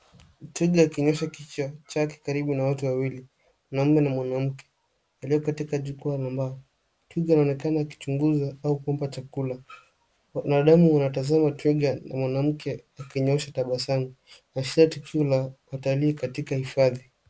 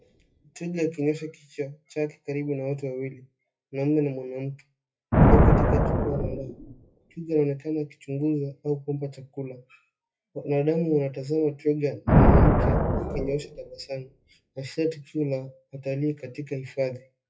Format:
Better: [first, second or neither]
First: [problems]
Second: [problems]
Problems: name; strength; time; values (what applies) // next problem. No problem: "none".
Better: first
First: none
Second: noise reduction (classical method WPE with log-MMSE)